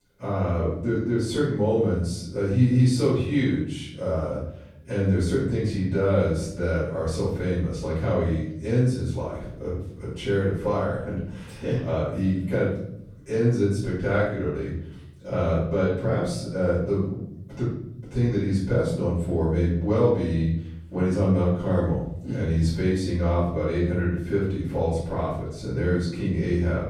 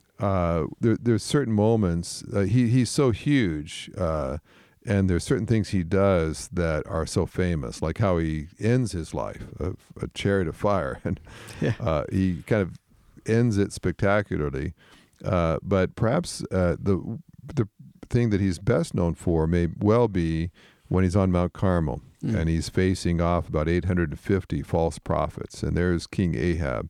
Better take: second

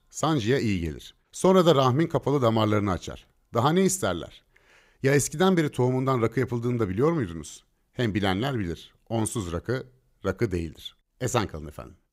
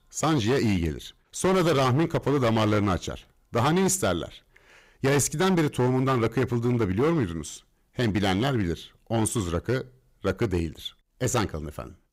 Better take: first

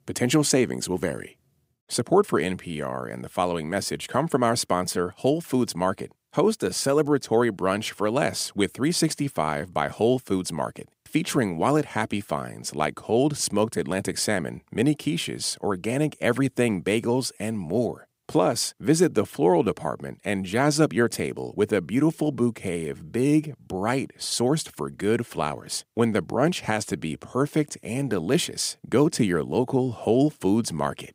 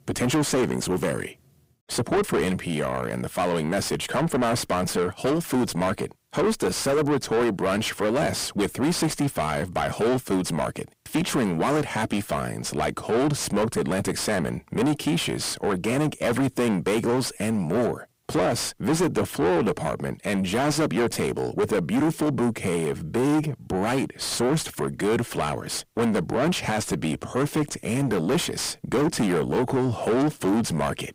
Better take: first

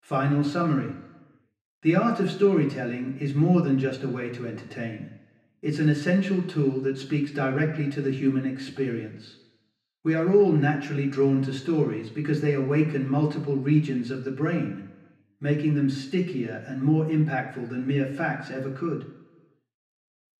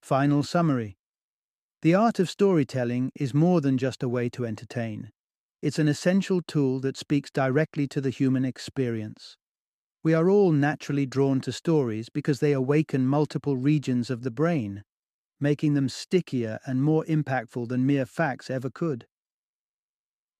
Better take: second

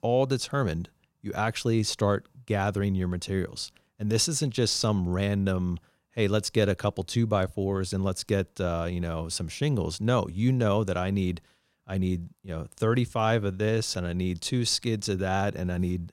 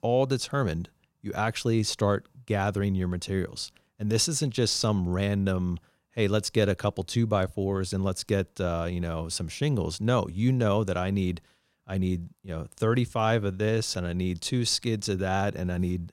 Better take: neither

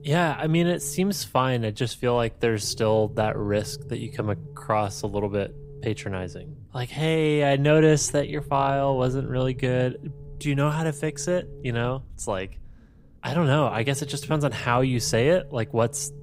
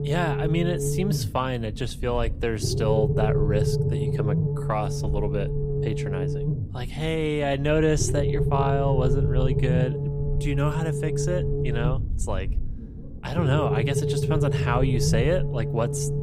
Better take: first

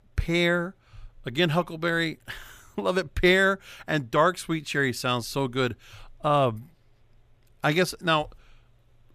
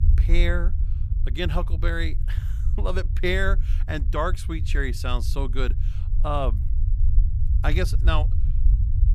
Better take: first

